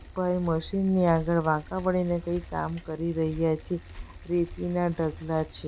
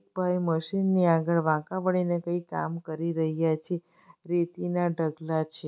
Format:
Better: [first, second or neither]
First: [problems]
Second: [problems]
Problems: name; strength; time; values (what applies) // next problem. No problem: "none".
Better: second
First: background sound (Bicycle); 16 dB below the speech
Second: none